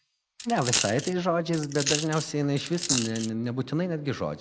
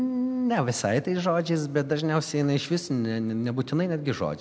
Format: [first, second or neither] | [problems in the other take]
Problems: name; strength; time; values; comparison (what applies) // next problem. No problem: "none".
second | noise reduction (neural mask model Resemble Enhance denoiser)